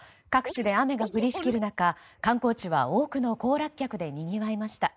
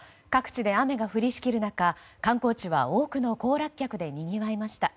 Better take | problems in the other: second | noise reduction (neural mask model Resemble Enhance denoiser)

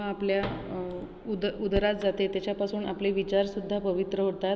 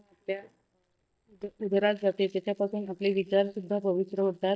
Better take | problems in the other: first | noise reduction (neural mask model DeepFilterNet 3)

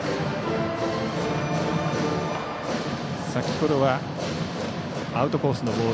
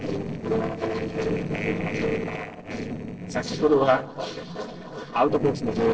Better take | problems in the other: first | noise reduction (neural separator model SepFormer DNS4)

